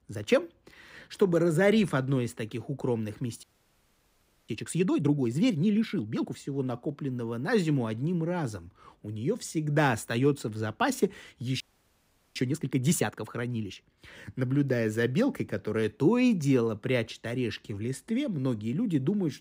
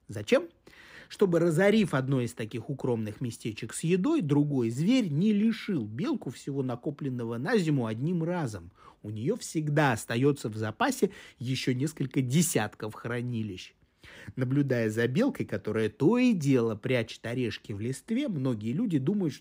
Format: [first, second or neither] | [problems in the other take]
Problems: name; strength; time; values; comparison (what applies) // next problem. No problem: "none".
second | audio freezing; at 3.5 s for 1 s and at 12 s for 1 s